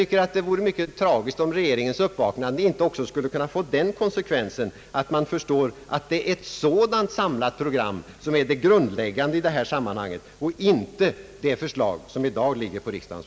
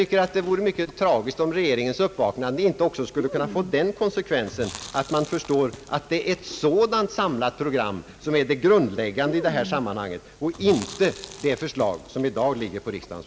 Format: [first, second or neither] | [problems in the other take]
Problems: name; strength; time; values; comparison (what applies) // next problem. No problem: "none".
first | background sound (Chewing, mastication); 17 dB below the speech